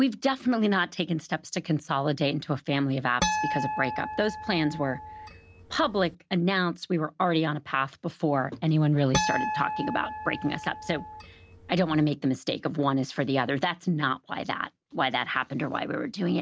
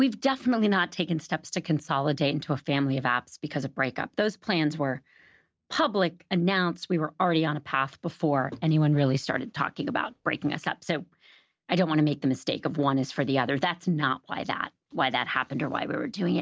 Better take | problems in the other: second | background sound (Harp); 6 dB below the speech

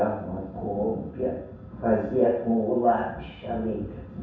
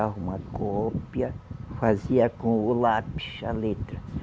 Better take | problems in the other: second | room echo; dies away in 0.7 s

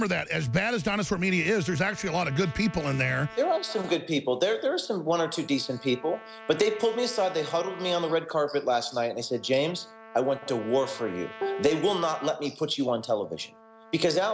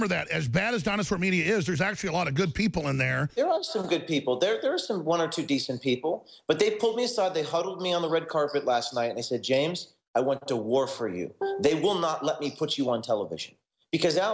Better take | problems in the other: second | background sound (Trumpet); 19 dB below the speech

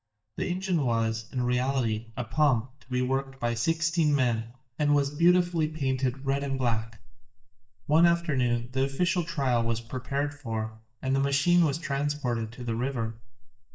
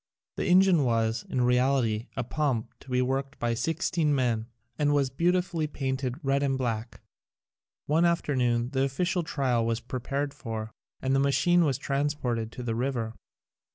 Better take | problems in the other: second | noise reduction (neural mask model DeepFilterNet 3)

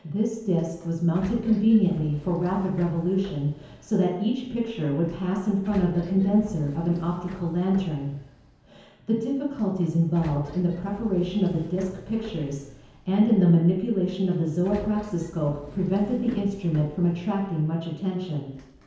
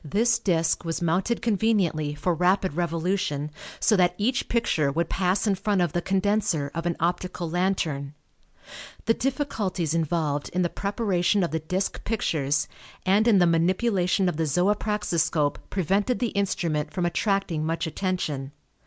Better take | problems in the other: second | background sound (Sliding door); 20 dB below the speech // room echo; dies away in 1 s

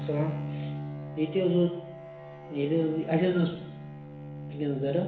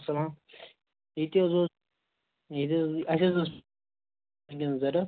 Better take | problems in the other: second | background sound (Bowed string instrument); 8 dB below the speech // room echo; dies away in 0.8 s

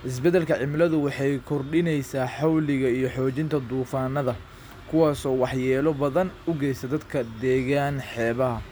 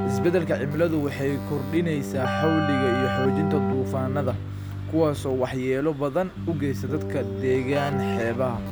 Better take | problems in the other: first | background sound (Keyboard (musical)); 3 dB below the speech

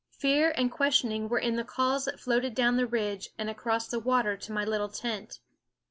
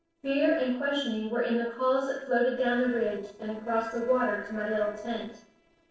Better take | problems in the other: first | noise reduction (neural separator model SepFormer DNS4)

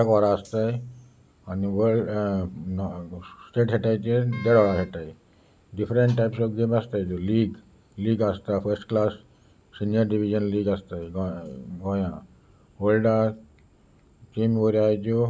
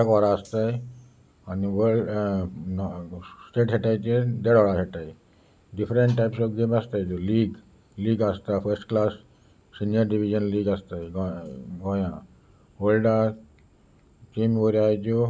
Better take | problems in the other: second | background sound (Wind instrument, woodwind instrument); 19 dB below the speech

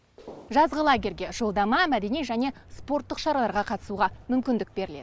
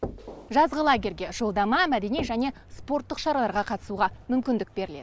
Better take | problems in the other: first | background sound (Knock); 16 dB below the speech

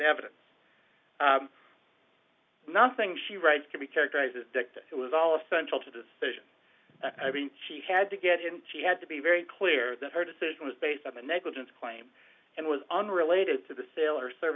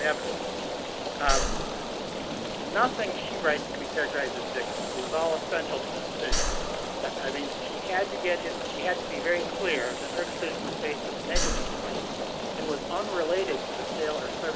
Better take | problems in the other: first | background sound (Rain + Breathing); 1 dB above the speech

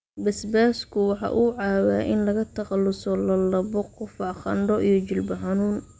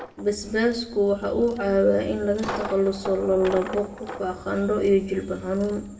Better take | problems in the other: first | background sound (Coin (dropping)); 14 dB below the speech // room echo; dies away in 0.5 s

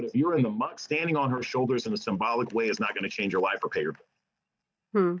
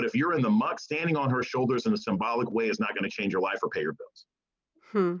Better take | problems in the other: second | noise reduction (neural mask model DeepFilterNet 3)

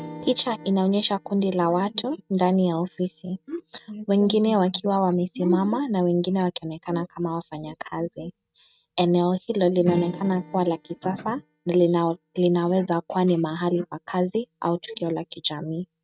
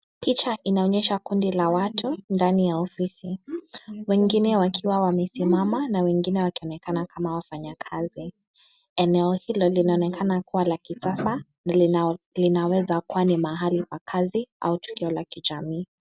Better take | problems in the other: second | noise reduction (neural mask model RNNoise)

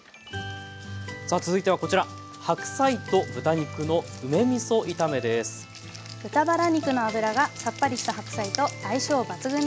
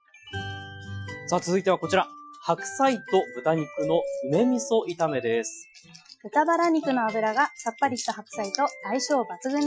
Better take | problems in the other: first | noise reduction (classical method Wiener filter)

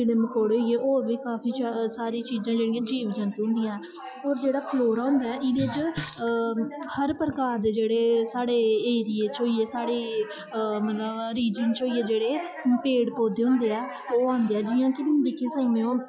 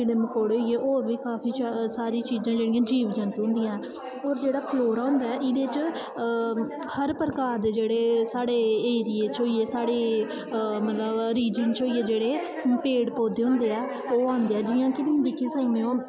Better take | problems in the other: second | noise reduction (classical method log-MMSE)

